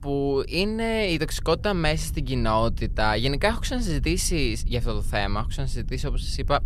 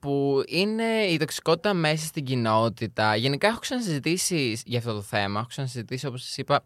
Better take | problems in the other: second | low rumble; faint; throughout; 25 dB below the speech

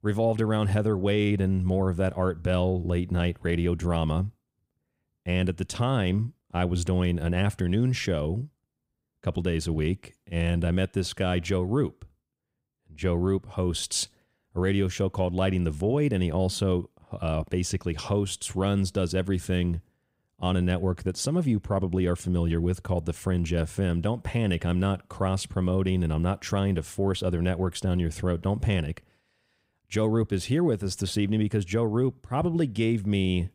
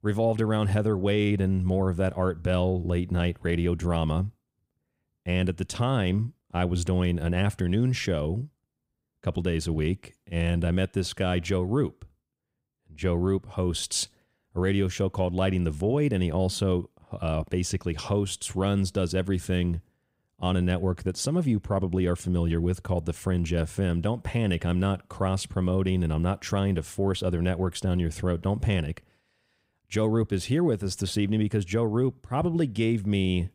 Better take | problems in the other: neither | none

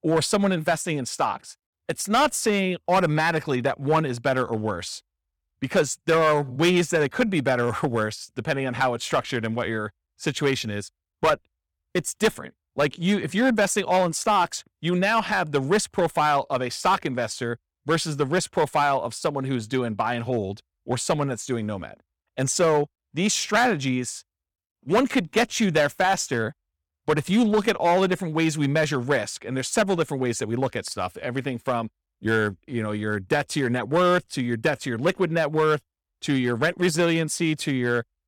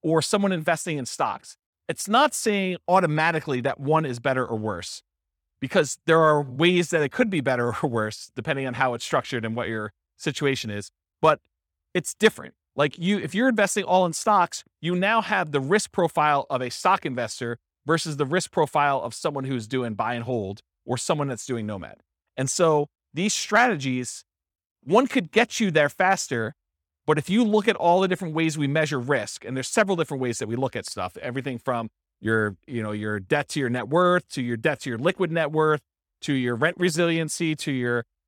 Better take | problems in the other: second | distortion; slight; 3% of the sound clipped

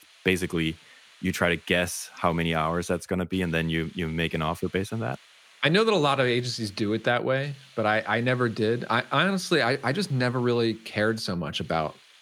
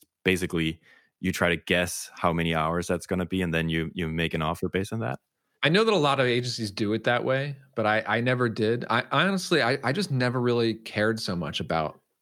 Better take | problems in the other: second | hiss; faint; throughout; 25 dB below the speech

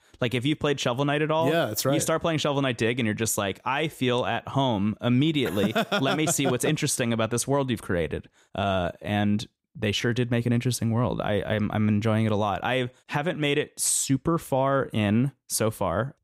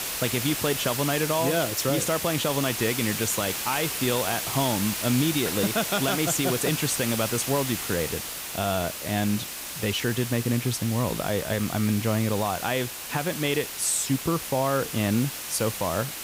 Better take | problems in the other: first | hiss; loud; throughout; 4 dB below the speech

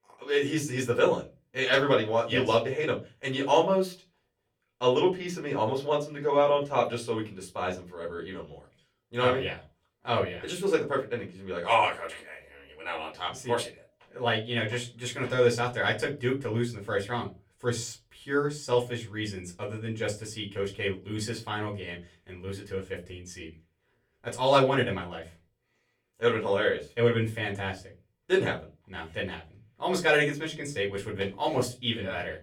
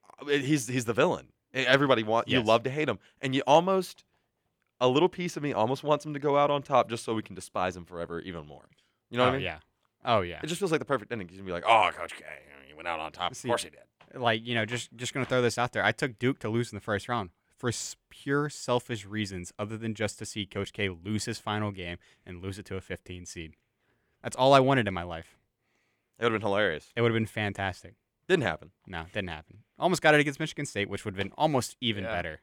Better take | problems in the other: second | off-mic speech; far // room echo; very slight; dies away in 0.2 s

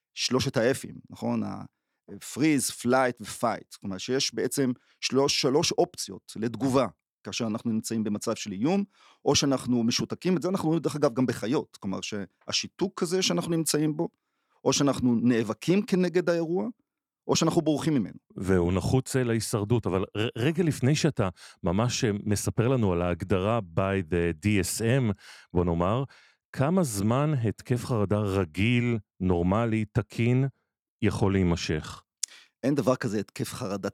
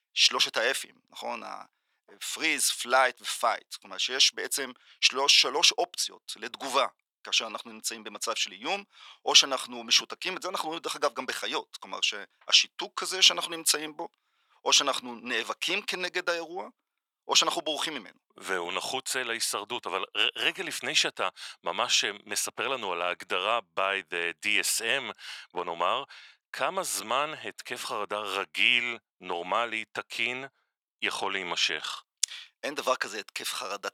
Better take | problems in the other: first | thin; very; fading below 900 Hz

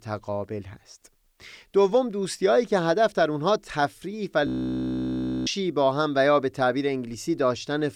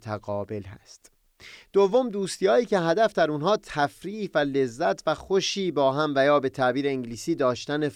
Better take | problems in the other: second | audio freezing; at 4.5 s for 1 s

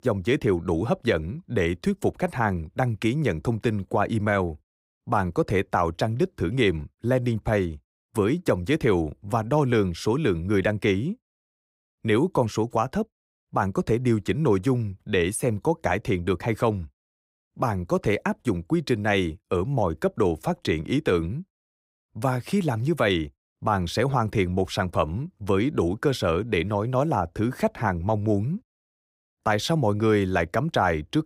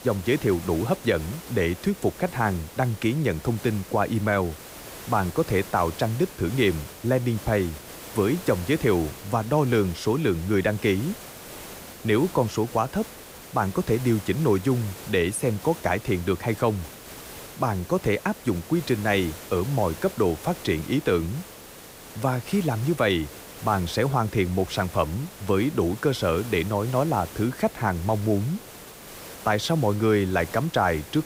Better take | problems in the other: first | hiss; noticeable; throughout; 15 dB below the speech

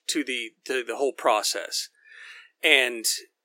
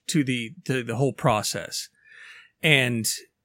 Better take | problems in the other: second | thin; very; fading below 350 Hz

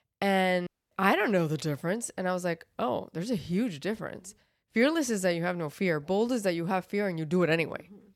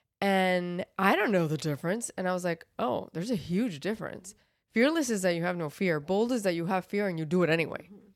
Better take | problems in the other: second | audio cutting out; at 0.5 s

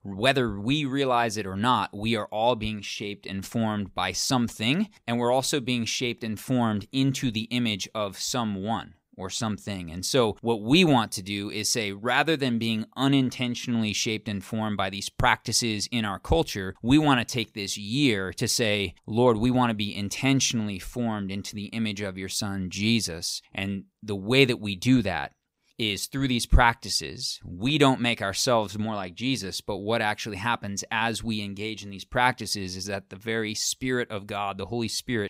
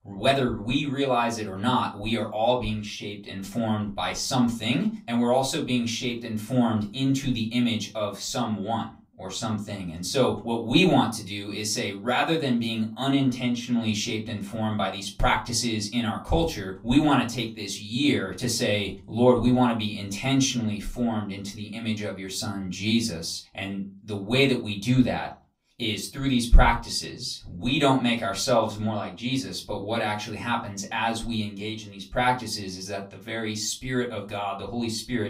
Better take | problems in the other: first | off-mic speech; far // room echo; very slight; dies away in 0.3 s

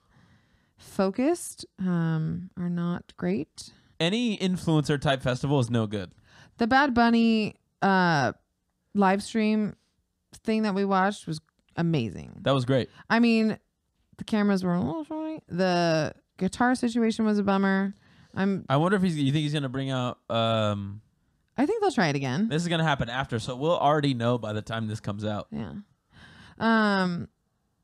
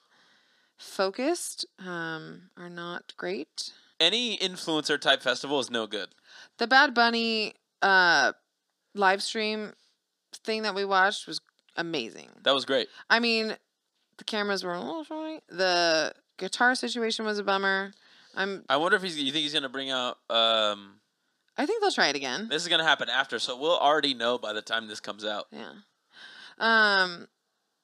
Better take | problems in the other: first | thin; somewhat; fading below 350 Hz

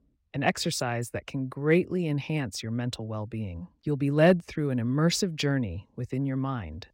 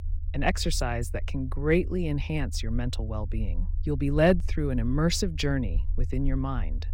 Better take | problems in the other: first | low rumble; faint; throughout; 25 dB below the speech

